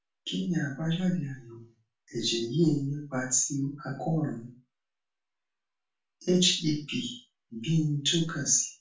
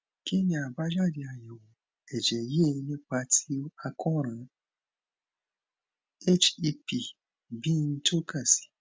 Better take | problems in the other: second | room echo; dies away in 0.3 s

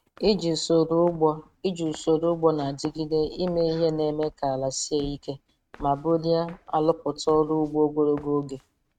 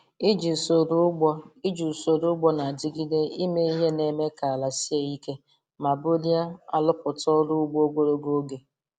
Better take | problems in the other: second | noise reduction (neural mask model RNNoise)

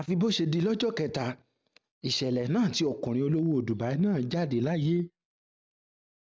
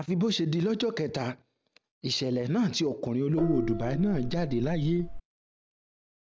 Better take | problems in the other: first | background sound (Gong); 4 dB below the speech

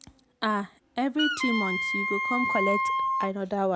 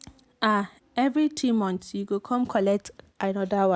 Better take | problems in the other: second | background sound (Wind instrument, woodwind instrument); 1 dB above the speech

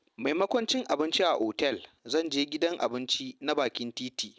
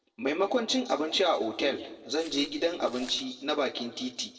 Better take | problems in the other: first | noise reduction (neural separator model SepFormer DNS4)

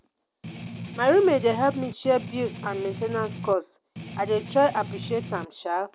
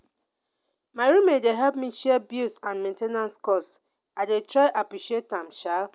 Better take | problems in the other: second | background sound (Strum); 10 dB below the speech

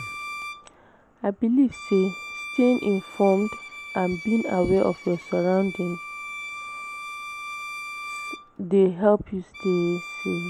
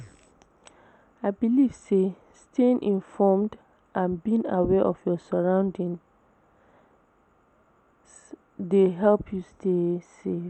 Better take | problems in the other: second | background sound (Bowed string instrument); 12 dB below the speech

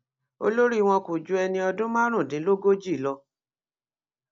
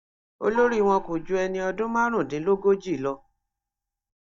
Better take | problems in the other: first | noise reduction (neural mask model DeepFilterNet 3)

